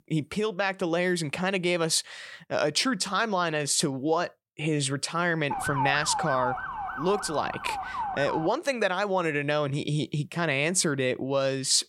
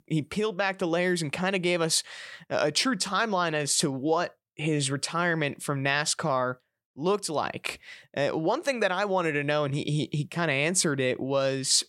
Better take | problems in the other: second | siren; noticeable; from 5.5 to 8.5 s; peak 2 dB below the speech

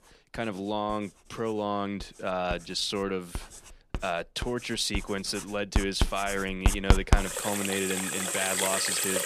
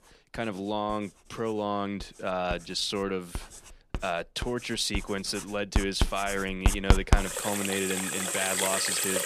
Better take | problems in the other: neither | household noises; very loud; throughout; 2 dB above the speech; the same in both

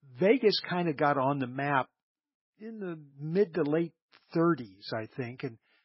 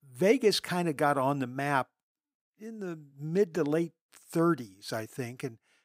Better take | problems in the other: second | garbled, watery; badly; nothing above 5.5 kHz

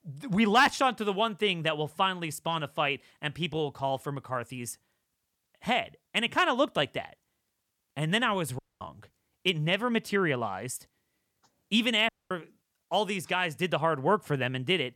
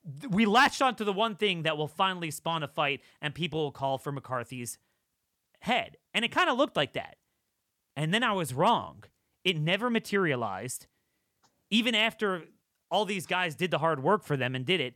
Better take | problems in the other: second | audio cutting out; at 8.5 s and at 12 s

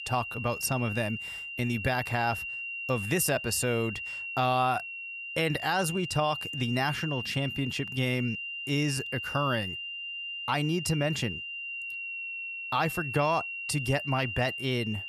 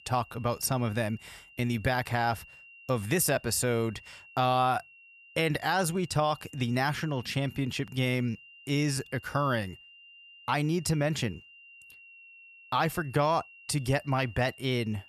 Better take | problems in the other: second | high-pitched whine; loud; throughout; 3 kHz, 5 dB below the speech; faint in the second

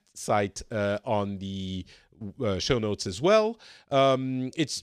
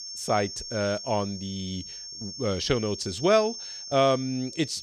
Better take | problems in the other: first | high-pitched whine; loud; throughout; 5.5 kHz, 10 dB below the speech

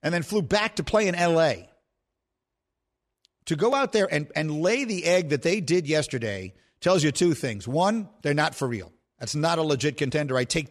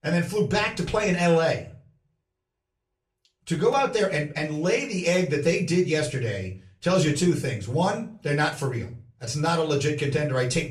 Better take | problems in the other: first | off-mic speech; far // room echo; very slight; dies away in 0.3 s

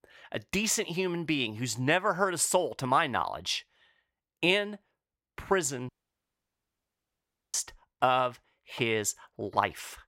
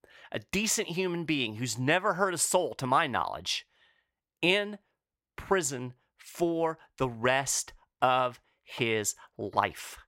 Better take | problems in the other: second | audio cutting out; at 6 s for 1.5 s

